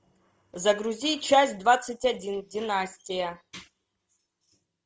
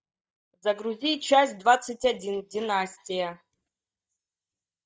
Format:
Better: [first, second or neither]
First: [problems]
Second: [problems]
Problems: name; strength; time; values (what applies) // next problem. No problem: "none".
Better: first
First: none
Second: noise reduction (neural mask model DeepFilterNet 3)